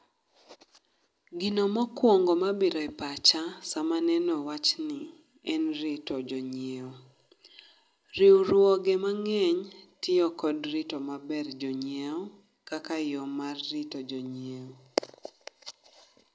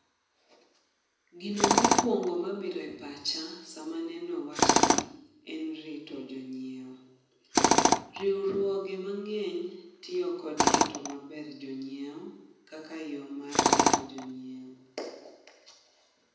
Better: first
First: none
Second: background sound (Tools); 5 dB above the speech // room echo; dies away in 0.8 s

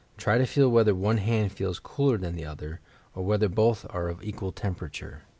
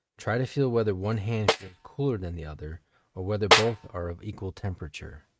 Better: first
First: none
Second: noise reduction (neural mask model RNNoise)

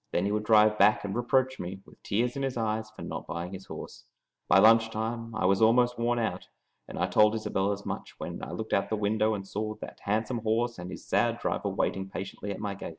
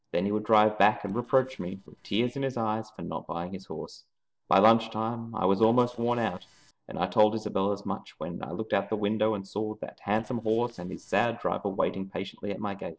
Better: first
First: none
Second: noise reduction (neural separator model SepFormer DNS4)

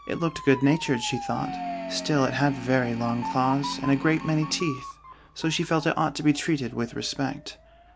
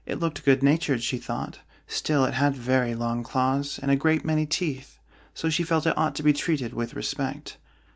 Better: second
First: background sound (Motor vehicle (road) / Siren + Organ); 11 dB below the speech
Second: none

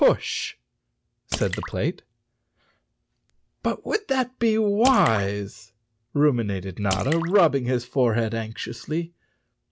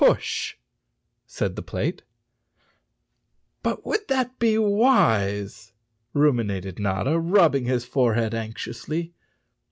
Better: second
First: background sound (Drip / Splash, splatter); 13 dB below the speech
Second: none

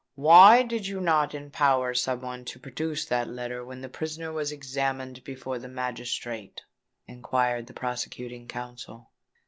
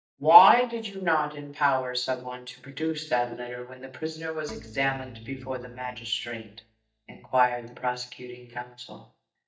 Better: first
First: none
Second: noise reduction (neural mask model DeepFilterNet 3)

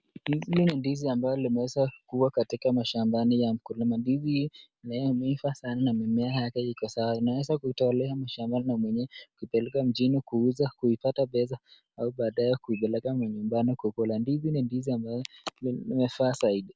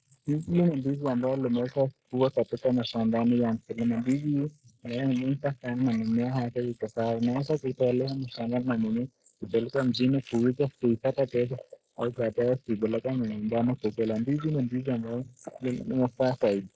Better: first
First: none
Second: noise reduction (neural mask model Resemble Enhance denoiser)

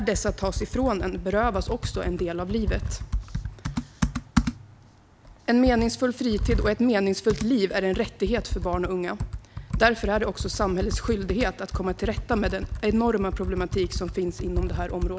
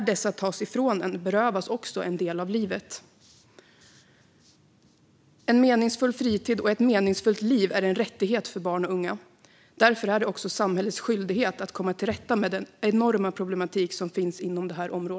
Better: second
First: background sound (Computer keyboard); 5 dB below the speech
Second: none

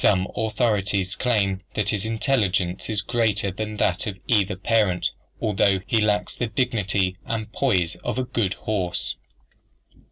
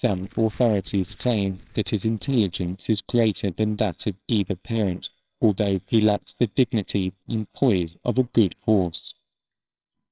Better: first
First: none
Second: noise reduction (neural separator model SepFormer WHAMR!)

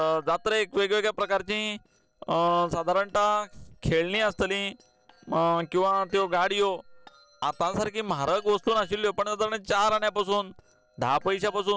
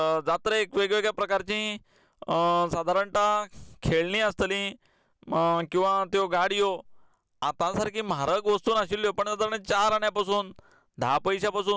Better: second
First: noise reduction (neural separator model SepFormer DNS4)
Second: none

